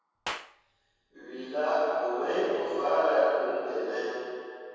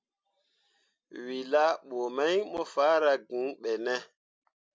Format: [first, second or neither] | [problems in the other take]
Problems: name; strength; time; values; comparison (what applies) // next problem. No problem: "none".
second | background sound (Clapping); 17 dB below the speech // room echo; dies away in 2.2 s